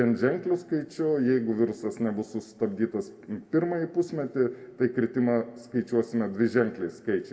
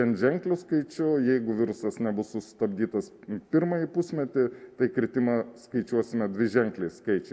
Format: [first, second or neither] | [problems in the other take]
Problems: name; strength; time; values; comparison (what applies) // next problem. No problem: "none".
second | room echo; dies away in 1 s